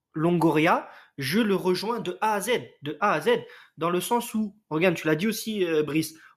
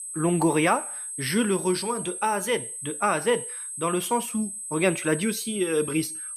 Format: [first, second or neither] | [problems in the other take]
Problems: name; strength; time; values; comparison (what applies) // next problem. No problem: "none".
first | high-pitched whine; loud; throughout; 8 kHz, 6 dB below the speech